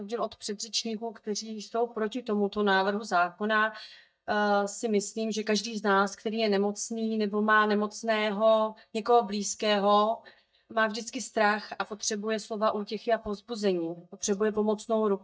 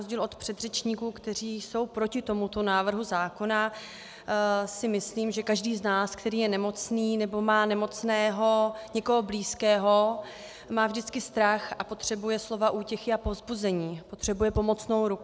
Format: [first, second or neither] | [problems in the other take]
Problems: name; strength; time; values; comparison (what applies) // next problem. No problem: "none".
second | noise reduction (neural mask model DeepFilterNet 3)